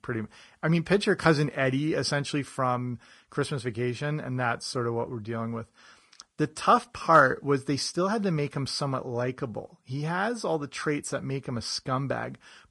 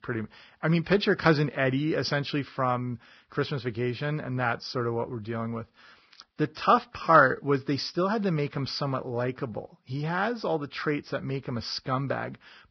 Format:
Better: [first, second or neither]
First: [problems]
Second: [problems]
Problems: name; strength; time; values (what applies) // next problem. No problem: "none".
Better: first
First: garbled, watery; slightly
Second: garbled, watery; badly; nothing above 5.5 kHz